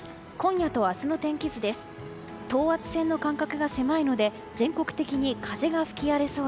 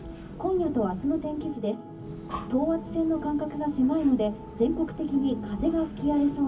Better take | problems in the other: first | background sound (Breathing); 17 dB below the speech // room echo; dies away in 0.3 s

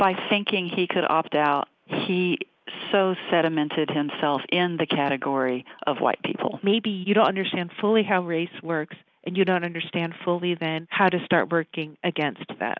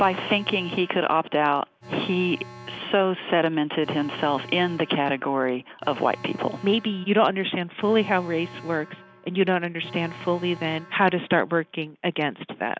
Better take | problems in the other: first | background sound (Alarm); 20 dB below the speech

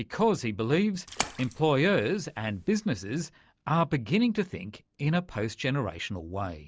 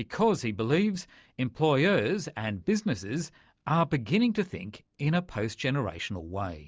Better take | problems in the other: second | background sound (Splash, splatter); 12 dB below the speech

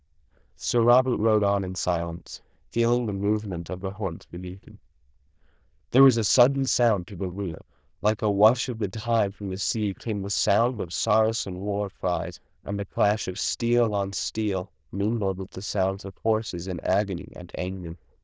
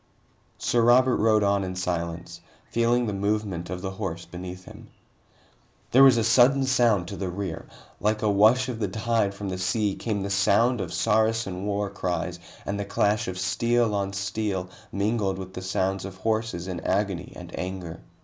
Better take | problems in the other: second | noise reduction (neural diffusion model UNIVERSE++)

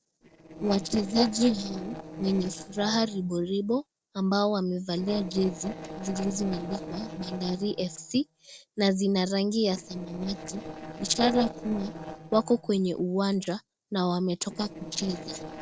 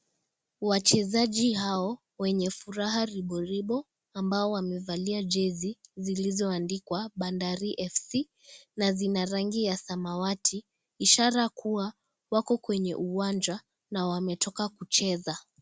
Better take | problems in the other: second | noise reduction (neural separator model SepFormer DNS4)

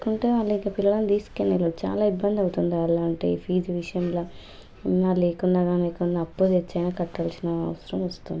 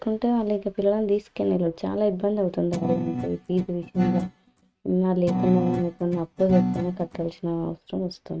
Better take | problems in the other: first | noise reduction (neural mask model RNNoise)

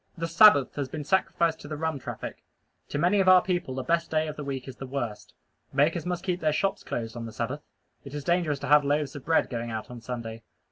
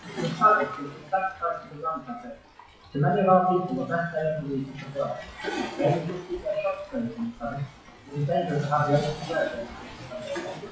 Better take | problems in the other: first | noise reduction (classical method WPE with log-MMSE)

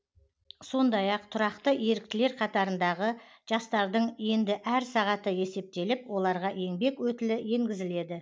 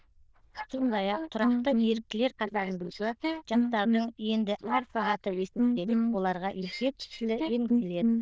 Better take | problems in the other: first | noise reduction (neural diffusion model UNIVERSE++)

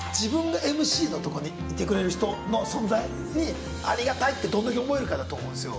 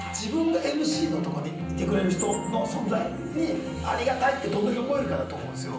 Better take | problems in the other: first | background sound (Chirp, tweet); 15 dB below the speech // room echo; dies away in 0.6 s

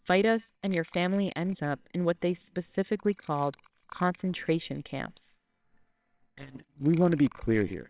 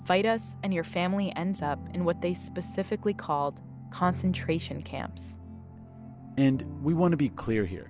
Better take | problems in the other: second | noise reduction (neural separator model SepFormer WHAMR!)

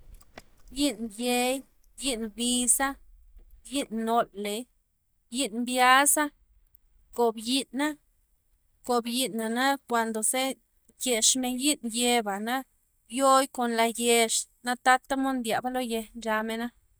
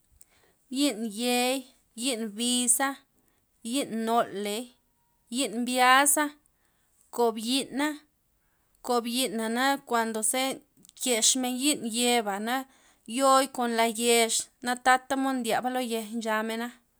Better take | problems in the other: second | noise reduction (neural mask model DeepFilterNet 3)

